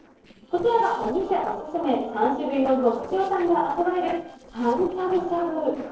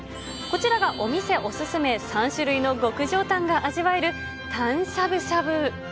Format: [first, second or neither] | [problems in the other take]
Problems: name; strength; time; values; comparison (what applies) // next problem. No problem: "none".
second | noise reduction (neural separator model SepFormer DNS4)